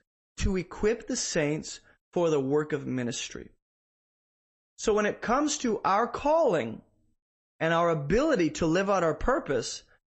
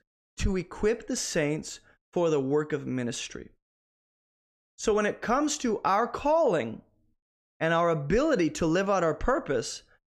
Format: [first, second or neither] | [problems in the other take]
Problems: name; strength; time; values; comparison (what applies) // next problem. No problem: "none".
second | garbled, watery; slightly; nothing above 8 kHz